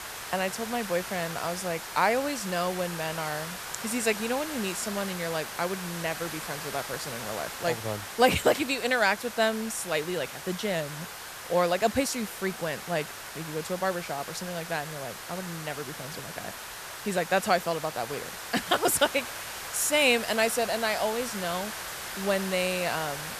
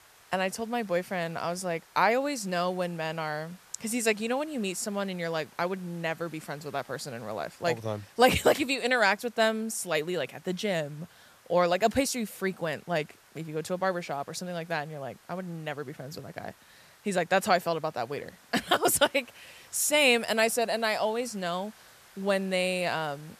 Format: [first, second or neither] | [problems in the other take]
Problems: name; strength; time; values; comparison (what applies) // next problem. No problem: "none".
second | hiss; loud; throughout; 8 dB below the speech; faint in the second